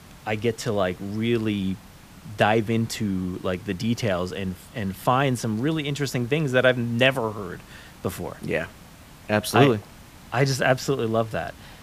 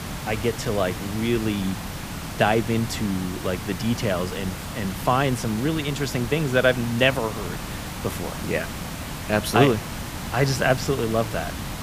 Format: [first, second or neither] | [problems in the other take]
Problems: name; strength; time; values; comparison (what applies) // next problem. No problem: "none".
first | hiss; loud; throughout; 8 dB below the speech; faint in the first